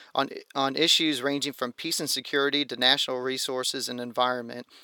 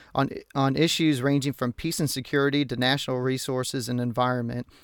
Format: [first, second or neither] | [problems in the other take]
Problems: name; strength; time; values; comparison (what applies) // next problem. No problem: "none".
second | thin; somewhat; fading below 350 Hz